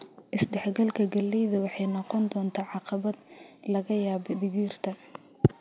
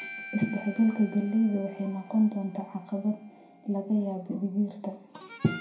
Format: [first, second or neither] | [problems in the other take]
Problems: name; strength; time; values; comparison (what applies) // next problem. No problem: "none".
first | background sound (Harmonica); 18 dB below the speech // room echo; dies away in 0.5 s